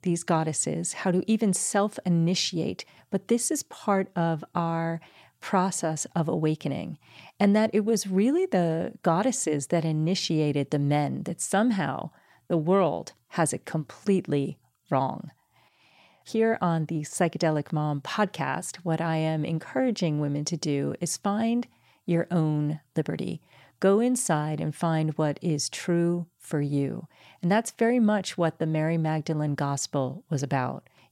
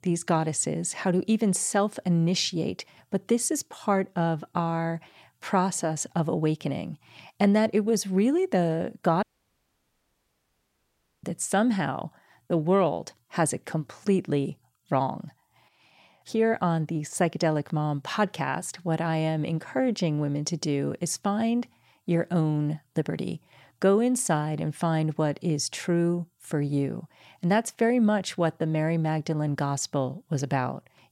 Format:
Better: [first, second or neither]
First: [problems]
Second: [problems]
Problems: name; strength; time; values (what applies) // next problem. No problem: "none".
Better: first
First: none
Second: audio cutting out; at 9 s for 2 s